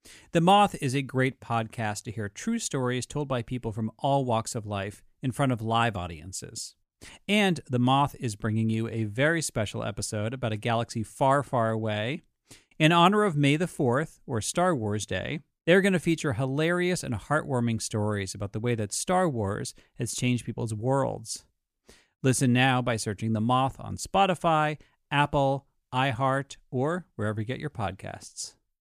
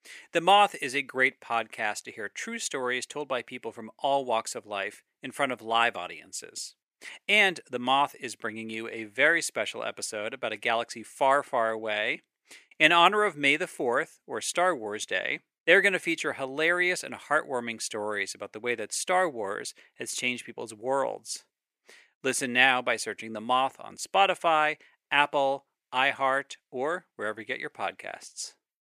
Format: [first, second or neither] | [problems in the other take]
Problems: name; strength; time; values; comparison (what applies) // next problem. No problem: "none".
first | thin; somewhat; fading below 450 Hz